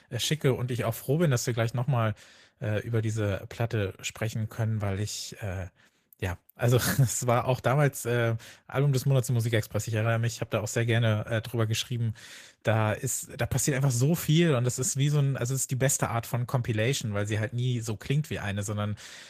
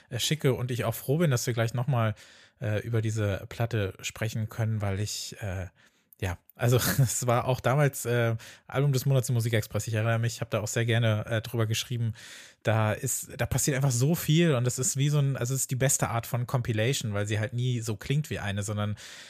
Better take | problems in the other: second | garbled, watery; slightly; nothing above 14.5 kHz

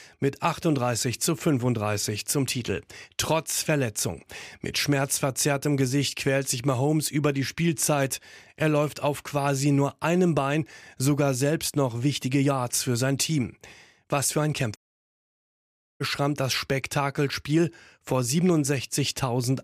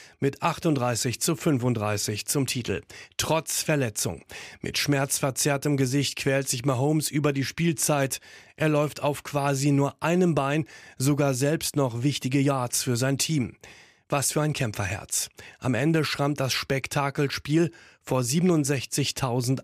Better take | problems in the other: second | audio cutting out; at 15 s for 1 s

